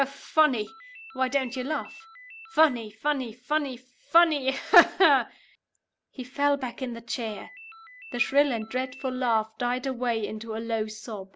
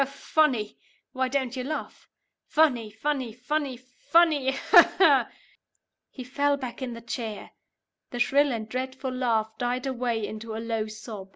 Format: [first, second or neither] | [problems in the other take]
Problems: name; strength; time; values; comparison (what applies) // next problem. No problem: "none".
second | background sound (Ringtone); 20 dB below the speech